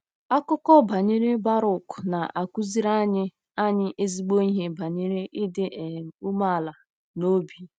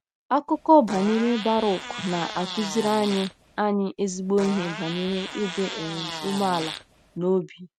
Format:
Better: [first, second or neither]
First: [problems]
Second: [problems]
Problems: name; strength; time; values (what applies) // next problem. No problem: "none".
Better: first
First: none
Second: background sound (Fart); 11 dB below the speech